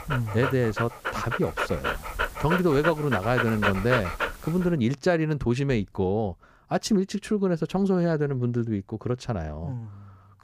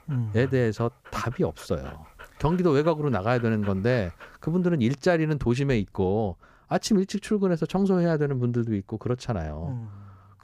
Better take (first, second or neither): second